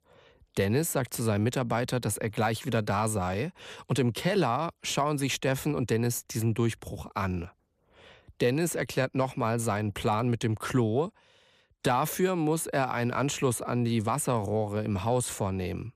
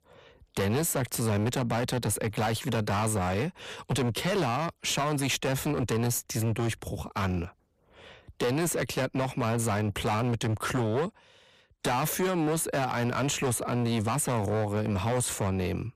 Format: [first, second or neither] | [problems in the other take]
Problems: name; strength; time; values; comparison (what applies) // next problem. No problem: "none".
first | distortion; heavy; 17% of the sound clipped